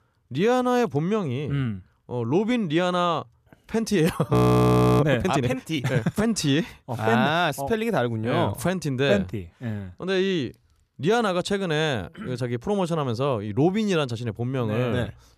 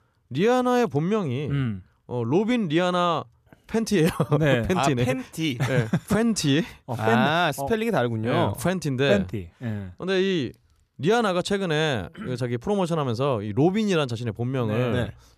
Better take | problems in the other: second | audio freezing; at 4.5 s for 0.5 s

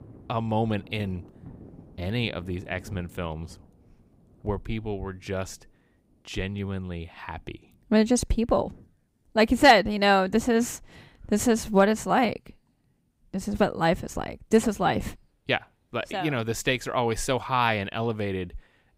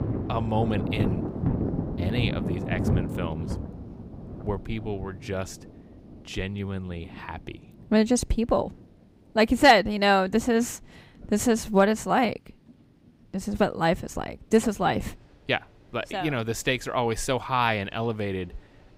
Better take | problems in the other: first | rain or running water; loud; throughout; 5 dB below the speech; faint in the first

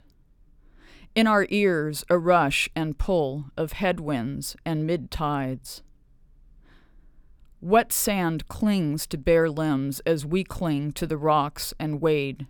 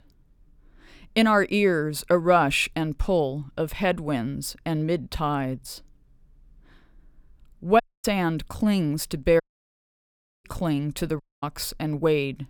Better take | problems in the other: first | audio cutting out; at 8 s, at 9.5 s for 1 s and at 11 s

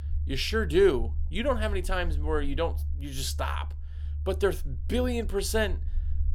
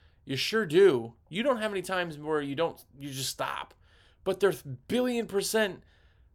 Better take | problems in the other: second | low rumble; faint; throughout; 25 dB below the speech

